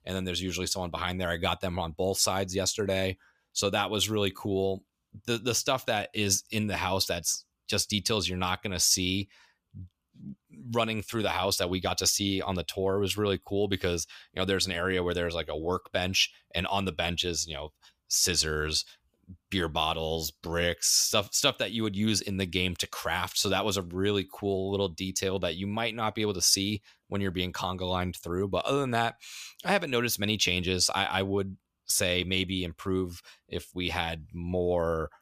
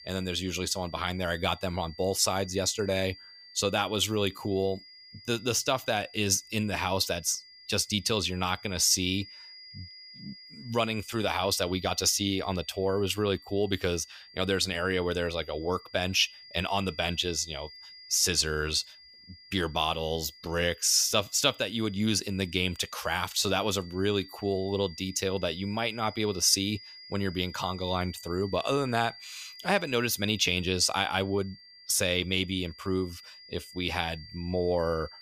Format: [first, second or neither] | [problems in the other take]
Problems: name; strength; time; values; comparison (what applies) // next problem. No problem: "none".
first | high-pitched whine; noticeable; throughout; 5 kHz, 20 dB below the speech